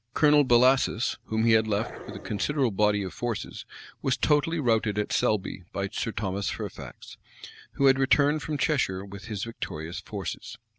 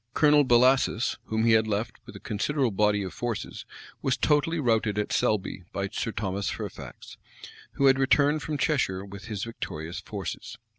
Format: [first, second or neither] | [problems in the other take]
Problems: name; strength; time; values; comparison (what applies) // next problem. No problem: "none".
second | background sound (Growling); 13 dB below the speech